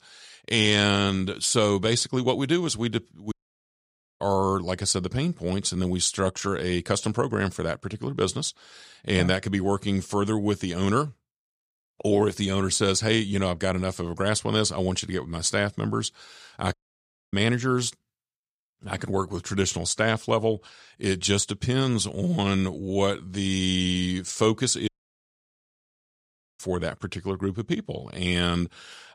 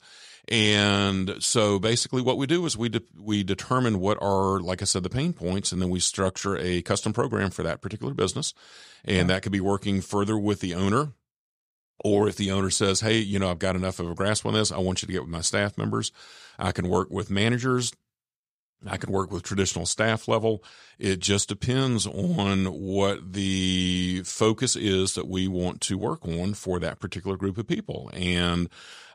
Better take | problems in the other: second | audio cutting out; at 3.5 s for 1 s, at 17 s for 0.5 s and at 25 s for 1.5 s

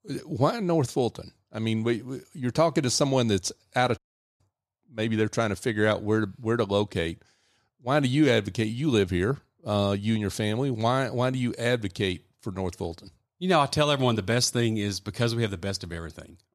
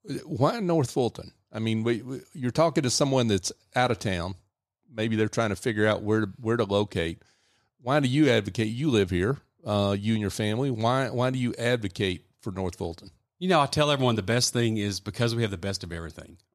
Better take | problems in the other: second | audio cutting out; at 4 s

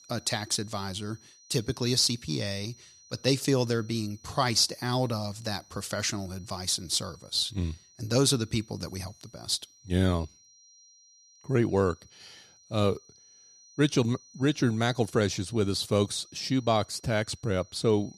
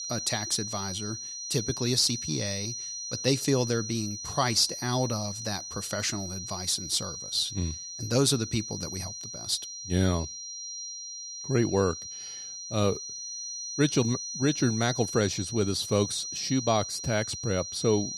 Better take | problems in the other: first | high-pitched whine; loud; throughout; 6 kHz, 7 dB below the speech; faint in the first

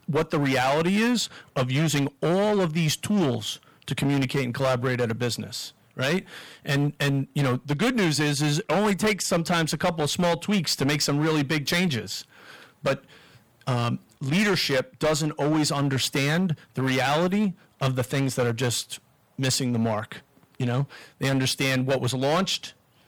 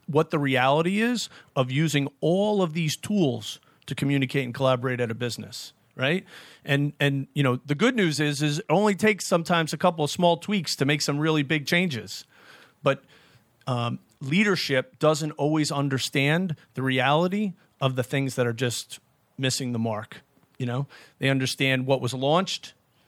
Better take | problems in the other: second | distortion; heavy; 14% of the sound clipped

